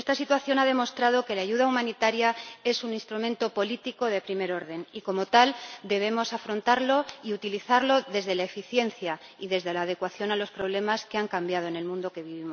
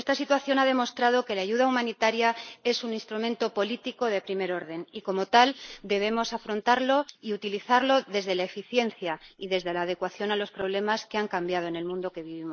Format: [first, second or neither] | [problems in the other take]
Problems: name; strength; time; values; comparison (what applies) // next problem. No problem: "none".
first | noise reduction (neural mask model Resemble Enhance denoiser)